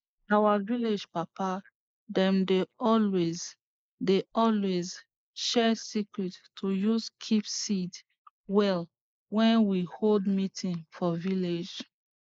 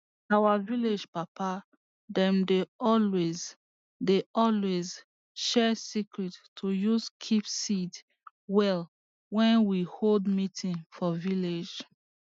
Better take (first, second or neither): second